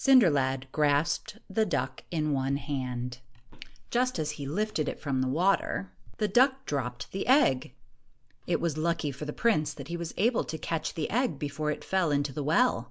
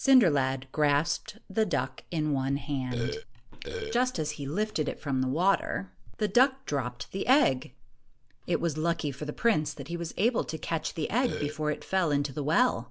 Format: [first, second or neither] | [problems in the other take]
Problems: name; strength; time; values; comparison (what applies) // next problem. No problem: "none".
first | background sound (Burping, eructation); 6 dB below the speech